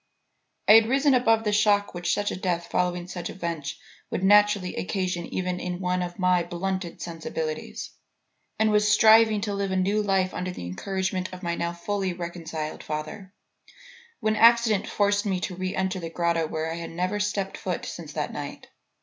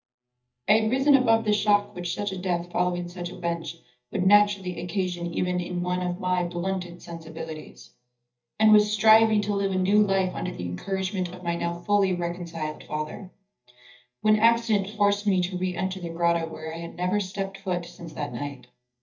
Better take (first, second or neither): first